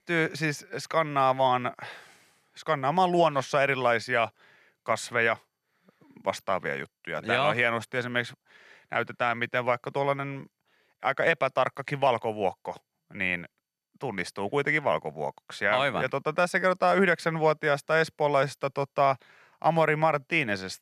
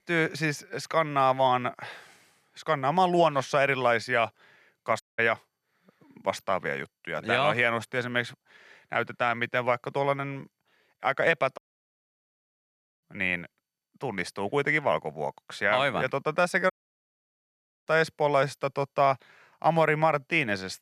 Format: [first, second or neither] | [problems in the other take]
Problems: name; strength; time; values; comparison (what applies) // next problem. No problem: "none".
first | audio cutting out; at 5 s, at 12 s for 1.5 s and at 17 s for 1 s